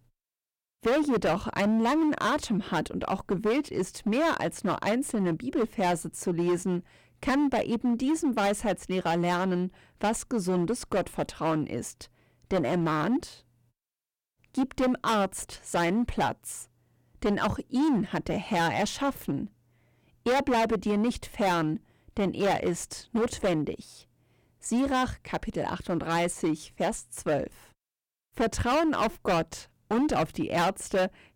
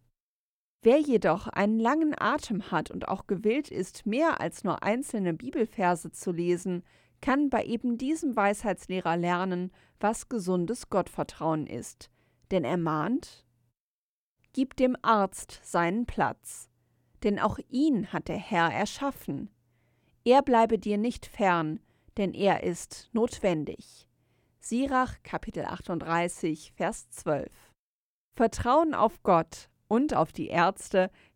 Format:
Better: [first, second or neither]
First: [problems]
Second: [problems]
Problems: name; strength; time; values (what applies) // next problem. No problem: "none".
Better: second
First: distortion; heavy; 12% of the sound clipped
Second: none